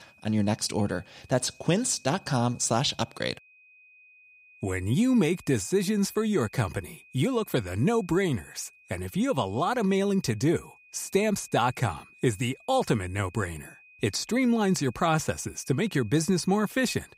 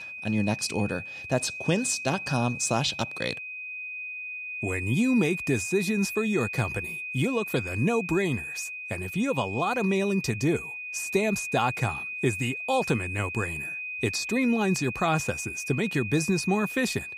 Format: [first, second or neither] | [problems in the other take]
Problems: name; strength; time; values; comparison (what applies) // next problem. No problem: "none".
first | high-pitched whine; loud; throughout; 2.5 kHz, 6 dB below the speech; faint in the first